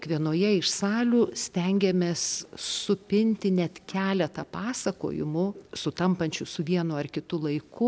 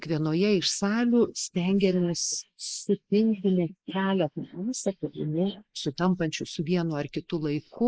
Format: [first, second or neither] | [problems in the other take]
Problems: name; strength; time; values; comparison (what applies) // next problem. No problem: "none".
first | noise reduction (neural mask model Resemble Enhance denoiser)